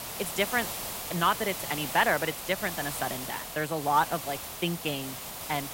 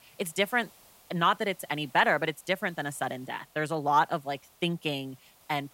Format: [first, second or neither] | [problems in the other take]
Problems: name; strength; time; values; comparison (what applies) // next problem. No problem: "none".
second | hiss; loud; throughout; 6 dB below the speech; faint in the second